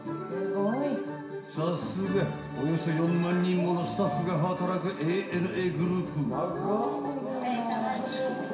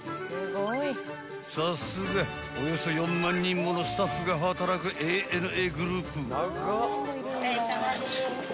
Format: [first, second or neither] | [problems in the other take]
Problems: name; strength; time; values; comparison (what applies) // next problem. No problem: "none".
second | room echo; dies away in 0.7 s